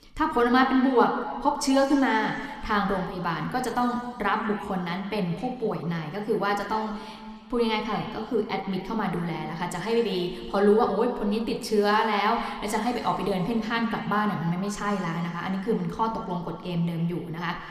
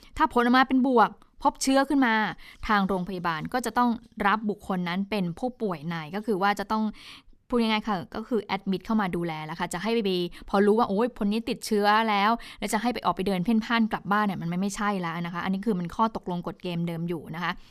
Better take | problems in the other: second | room echo; slight; dies away in 2 s

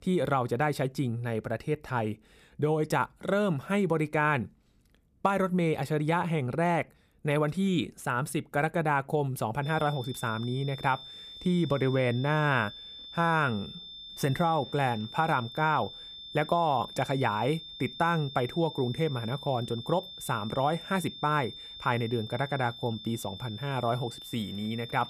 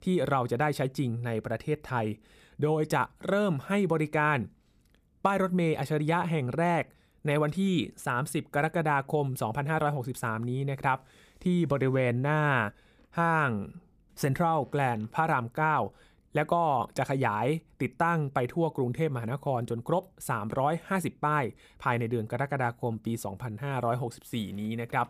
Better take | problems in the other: second | high-pitched whine; noticeable; from 9.5 s on; 3.5 kHz, 15 dB below the speech

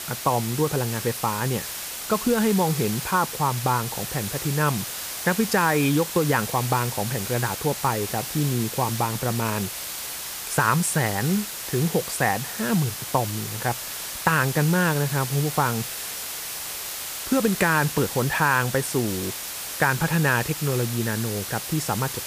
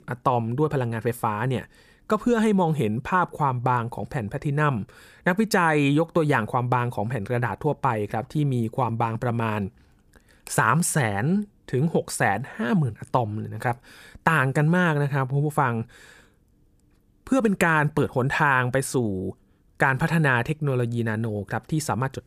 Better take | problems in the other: second | hiss; loud; throughout; 6 dB below the speech

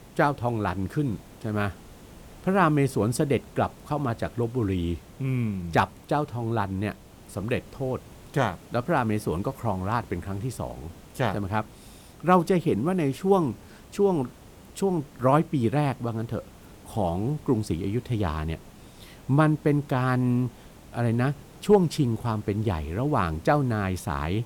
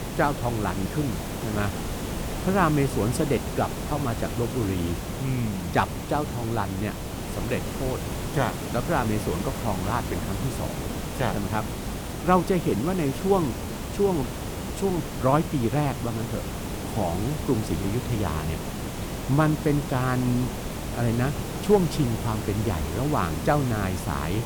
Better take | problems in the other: first | hiss; loud; throughout; 5 dB below the speech; faint in the first

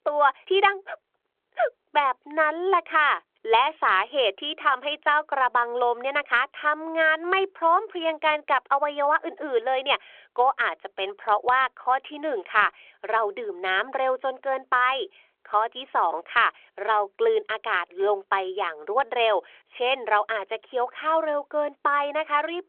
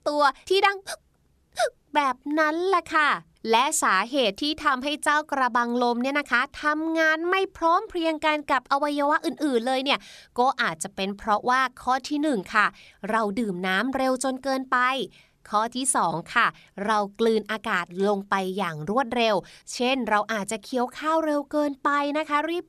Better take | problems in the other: second | phone-call audio; nothing above 3.5 kHz

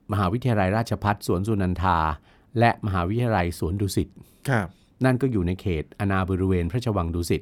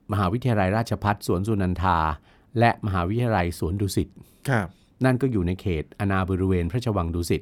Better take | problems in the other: neither | none

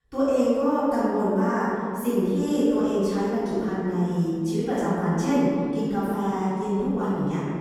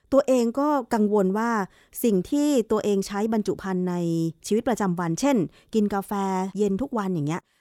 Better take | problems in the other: second | room echo; strong; dies away in 2.7 s // off-mic speech; far

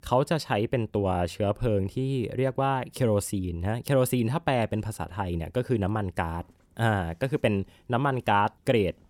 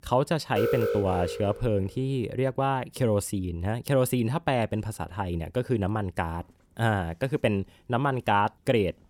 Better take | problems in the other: first | alarm; loud; from 0.5 to 1.5 s; peak level with the speech

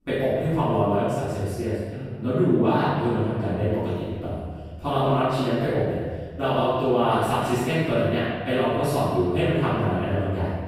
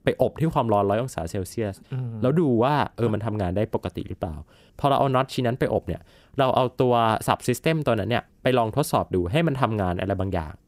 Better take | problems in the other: second | off-mic speech; far // room echo; strong; dies away in 1.5 s

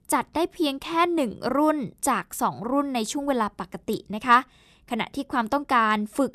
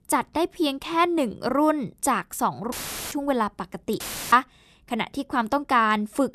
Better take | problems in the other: first | audio cutting out; filled with static; at 2.5 s and at 4 s

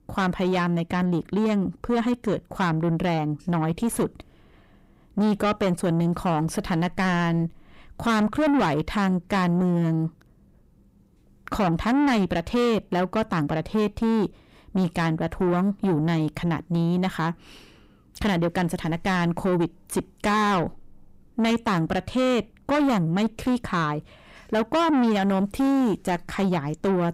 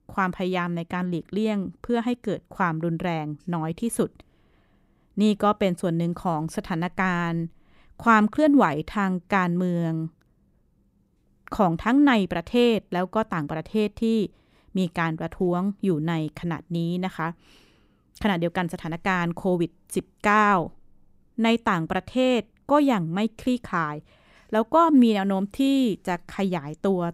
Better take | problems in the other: second | distortion; heavy; 7 dB below the speech

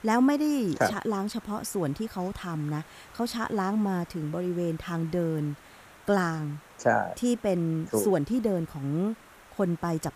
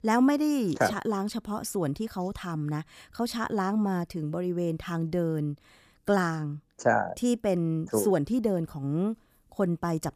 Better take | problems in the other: second | hiss; faint; throughout; 20 dB below the speech

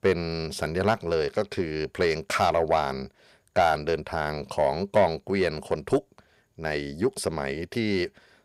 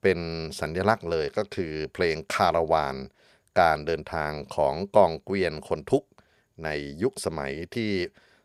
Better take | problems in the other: second | distortion; slight; 10 dB below the speech

